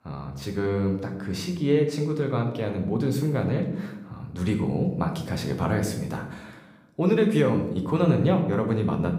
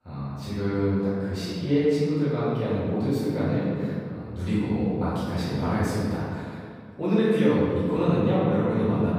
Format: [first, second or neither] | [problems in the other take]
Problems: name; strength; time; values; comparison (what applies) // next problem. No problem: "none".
first | room echo; strong; dies away in 2.1 s; slight in the first // off-mic speech; far; somewhat distant in the first